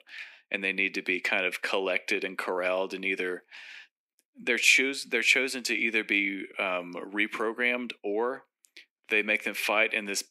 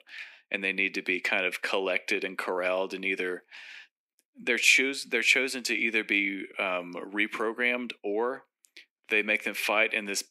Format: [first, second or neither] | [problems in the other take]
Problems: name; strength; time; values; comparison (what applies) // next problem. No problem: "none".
neither | thin; somewhat; fading below 250 Hz; the same in both